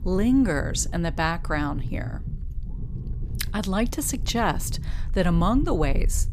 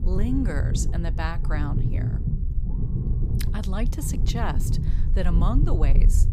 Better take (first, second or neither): first